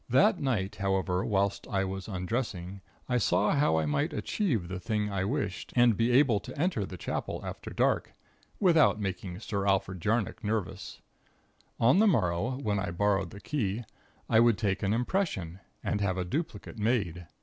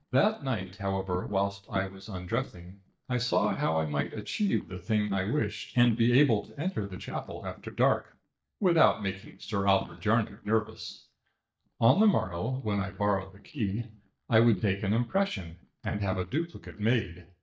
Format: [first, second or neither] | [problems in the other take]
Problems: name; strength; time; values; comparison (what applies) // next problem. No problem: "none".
first | noise reduction (neural mask model DeepFilterNet 3)